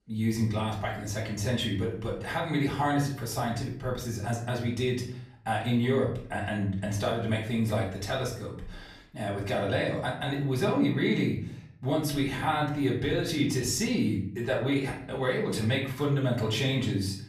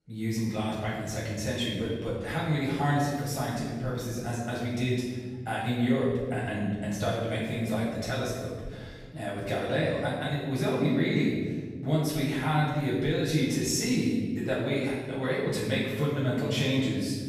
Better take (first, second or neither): first